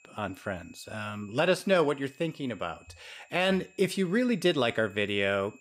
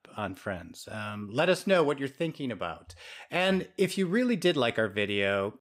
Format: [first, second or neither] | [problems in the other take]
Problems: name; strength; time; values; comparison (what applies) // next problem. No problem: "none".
second | high-pitched whine; faint; throughout; 2.5 kHz, 25 dB below the speech